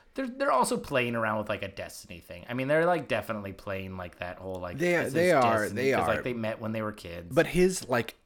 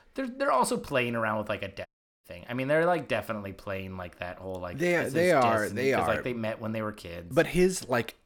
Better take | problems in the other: first | audio cutting out; at 2 s

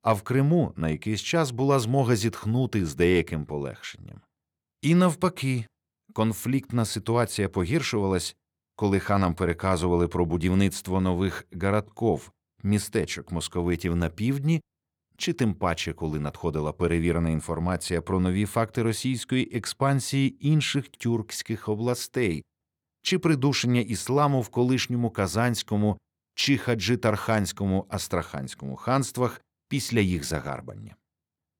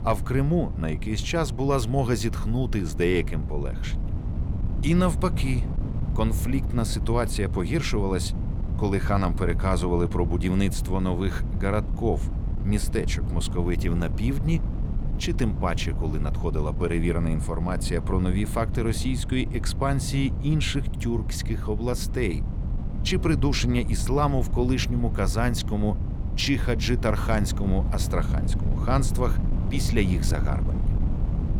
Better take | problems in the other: first | wind noise on the microphone; occasional gusts; 10 dB below the speech

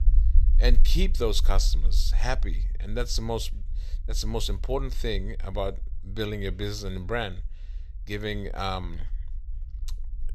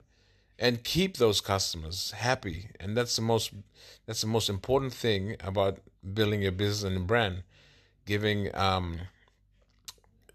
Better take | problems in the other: second | low rumble; faint; throughout; 20 dB below the speech

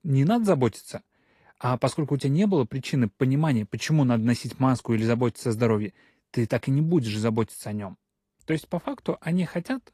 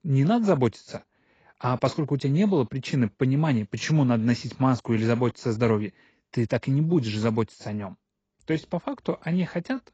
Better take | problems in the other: first | garbled, watery; badly; nothing above 7.5 kHz; slightly in the first

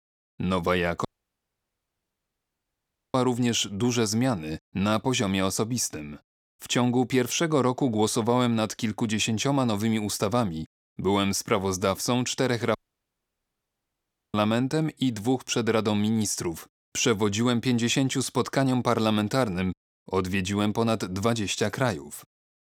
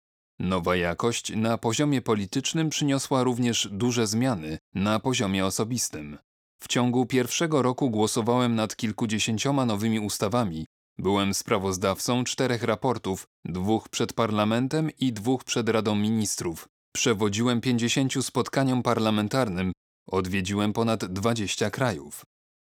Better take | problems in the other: second | audio cutting out; at 1 s for 2 s and at 13 s for 1.5 s

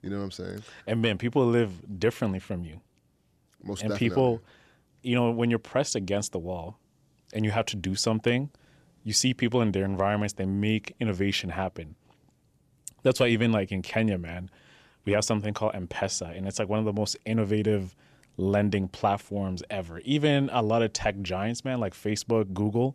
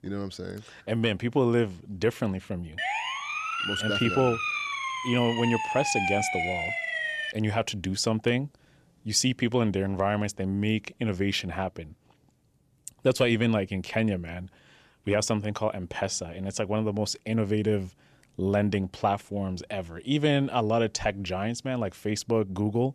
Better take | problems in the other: first | siren; loud; from 3 to 7.5 s; peak 1 dB above the speech

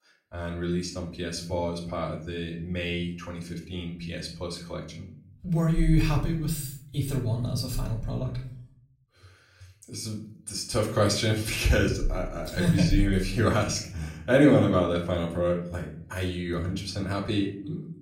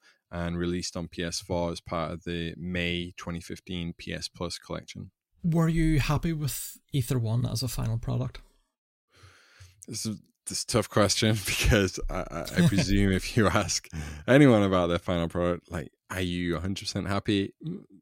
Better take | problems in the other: second | off-mic speech; far // room echo; slight; dies away in 0.5 s

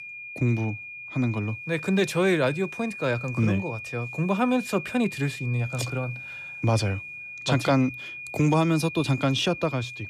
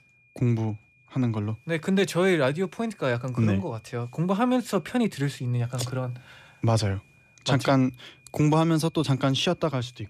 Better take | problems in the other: second | high-pitched whine; loud; throughout; 2.5 kHz, 10 dB below the speech; faint in the second

